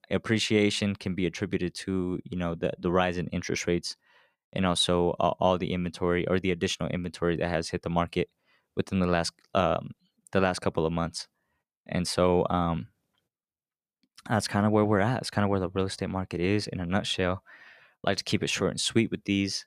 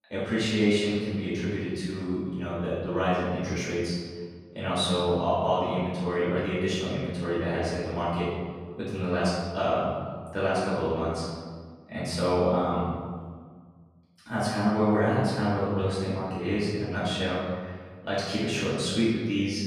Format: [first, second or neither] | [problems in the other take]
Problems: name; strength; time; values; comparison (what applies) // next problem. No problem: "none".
first | room echo; strong; dies away in 1.5 s // off-mic speech; far